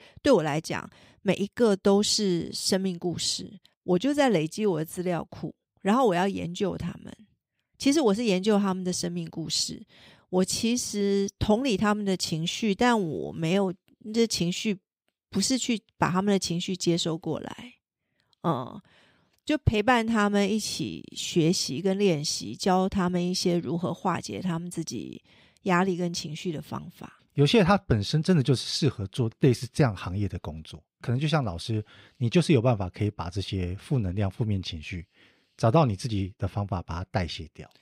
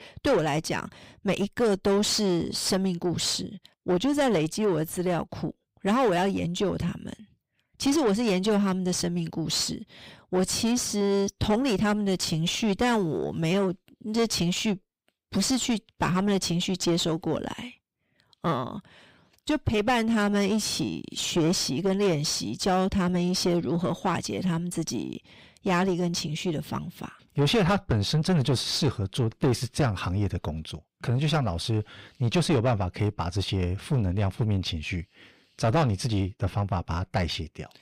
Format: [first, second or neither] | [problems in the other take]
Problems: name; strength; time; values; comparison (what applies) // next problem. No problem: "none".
first | distortion; heavy; 7 dB below the speech